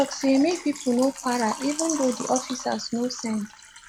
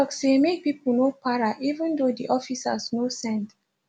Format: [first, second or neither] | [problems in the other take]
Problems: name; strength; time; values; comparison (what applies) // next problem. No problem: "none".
second | background sound (Water / Liquid); 11 dB below the speech